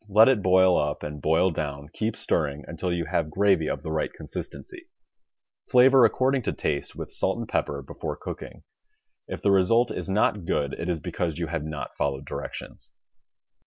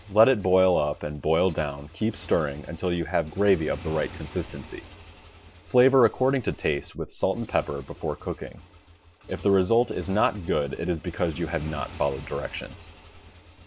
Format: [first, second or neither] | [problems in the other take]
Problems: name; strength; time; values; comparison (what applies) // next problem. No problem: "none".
first | background sound (Motorcycle / Engine); 19 dB below the speech